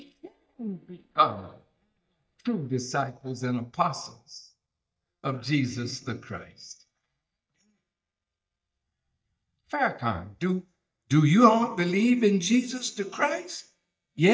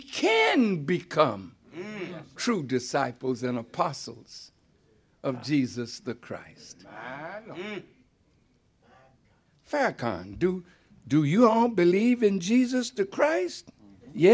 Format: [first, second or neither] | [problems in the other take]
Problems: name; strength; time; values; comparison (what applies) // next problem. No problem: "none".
second | noise reduction (neural mask model DeepFilterNet 3)